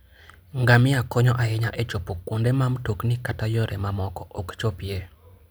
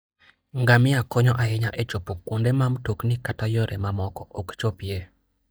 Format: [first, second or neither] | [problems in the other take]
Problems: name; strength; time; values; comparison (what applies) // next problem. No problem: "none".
first | noise reduction (neural mask model DeepFilterNet 3)